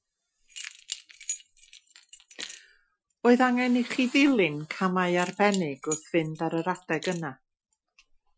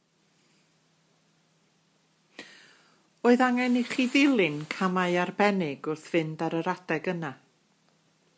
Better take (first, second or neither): second